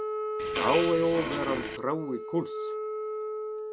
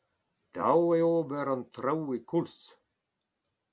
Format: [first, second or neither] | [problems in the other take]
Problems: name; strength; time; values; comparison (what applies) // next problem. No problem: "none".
second | background sound (Wind instrument, woodwind instrument + Fart); 2 dB below the speech